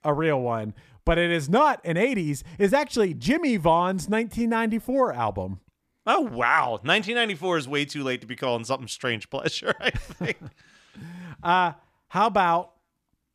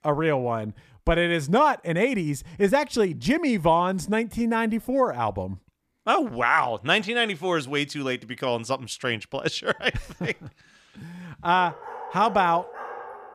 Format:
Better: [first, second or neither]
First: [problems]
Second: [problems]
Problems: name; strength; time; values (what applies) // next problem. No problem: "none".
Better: first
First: none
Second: dog barking; faint; from 12 s on; peak 10 dB below the speech